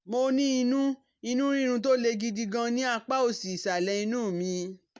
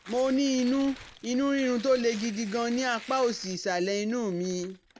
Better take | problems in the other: first | background sound (Tearing); 20 dB below the speech

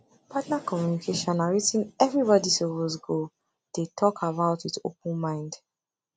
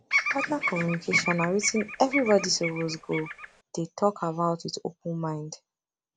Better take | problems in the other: first | background sound (Bird vocalization, bird call, bird song); 3 dB below the speech

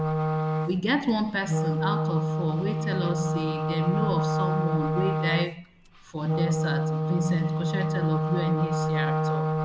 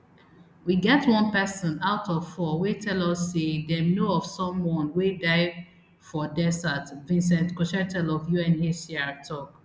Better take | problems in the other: second | background sound (Wind instrument, woodwind instrument); 3 dB above the speech

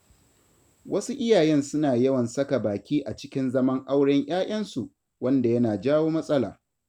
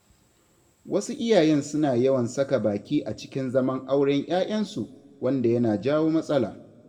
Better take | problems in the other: first | room echo; dies away in 1.3 s

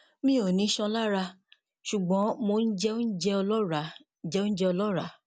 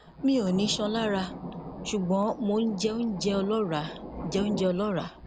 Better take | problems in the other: first | background sound (Thunder); 11 dB below the speech

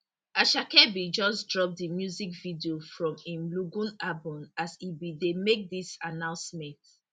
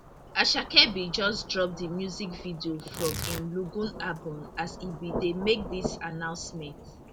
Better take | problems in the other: first | background sound (Tearing + Rain / Thunderstorm); 9 dB below the speech

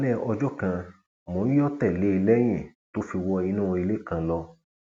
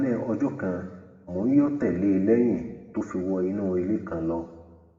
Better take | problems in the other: first | room echo; dies away in 1.1 s

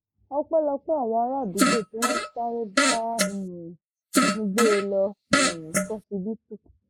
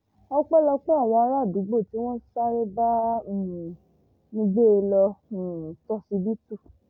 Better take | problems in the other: second | noise reduction (neural mask model Resemble Enhance denoiser)

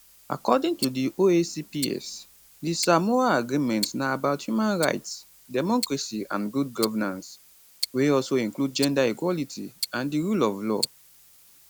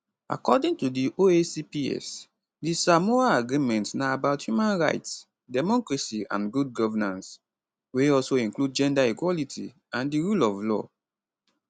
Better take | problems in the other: second | background sound (Tick-tock); 14 dB below the speech

